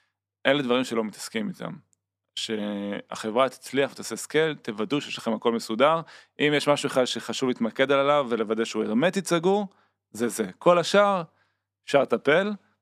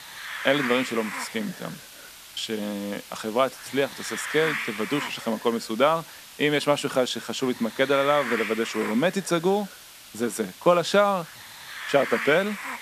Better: first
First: none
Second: hiss; loud; throughout; 9 dB below the speech

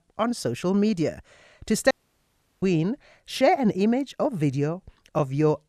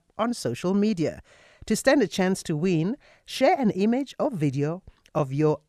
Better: second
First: audio cutting out; at 2 s for 0.5 s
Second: none

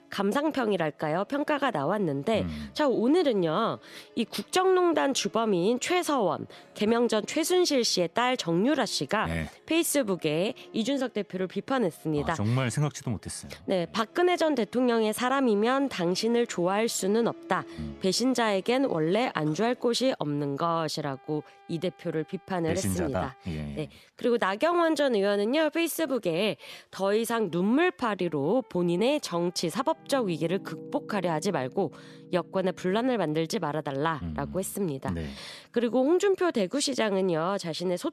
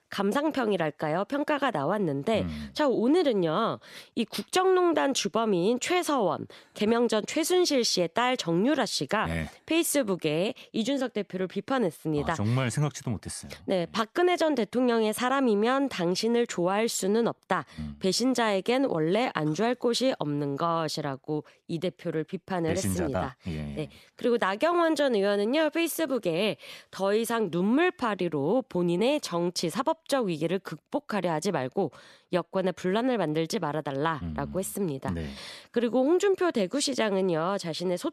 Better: second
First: background music; faint; throughout; 25 dB below the speech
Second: none

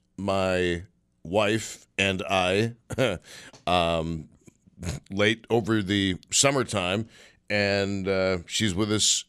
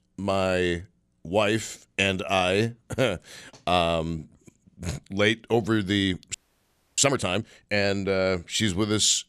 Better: first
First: none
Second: audio freezing; at 6.5 s for 0.5 s

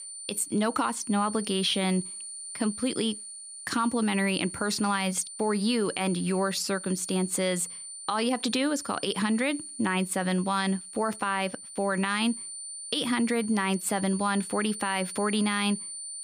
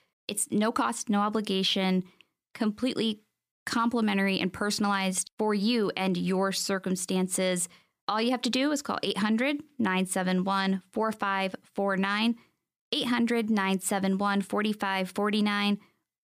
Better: second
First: high-pitched whine; loud; throughout; 9 kHz, 10 dB below the speech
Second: none

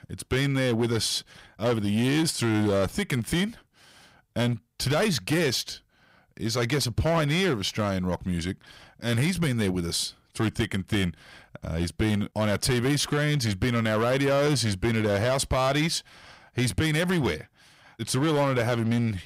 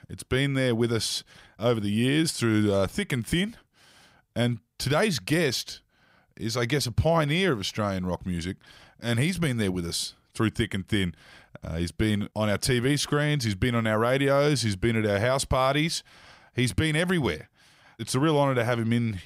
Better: second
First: distortion; slight; 10% of the sound clipped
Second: none

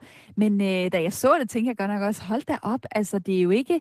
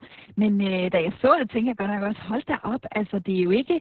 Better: first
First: garbled, watery; slightly; nothing above 14.5 kHz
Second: garbled, watery; badly; nothing above 4 kHz

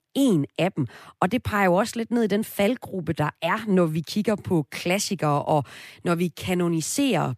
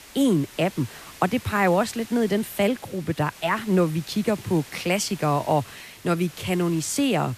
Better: first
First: none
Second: hiss; noticeable; throughout; 20 dB below the speech

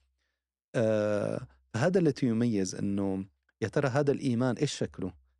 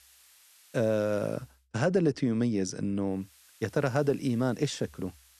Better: first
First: none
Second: hiss; faint; until 1.5 s and from 3 s on; 25 dB below the speech

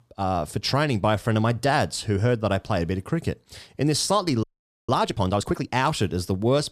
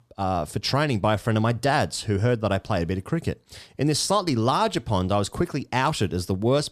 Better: second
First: audio freezing; at 4.5 s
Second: none

